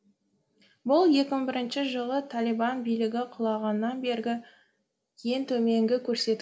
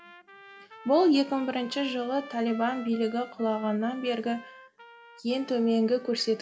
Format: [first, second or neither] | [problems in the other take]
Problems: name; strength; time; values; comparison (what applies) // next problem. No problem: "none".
first | background sound (Trumpet); 20 dB below the speech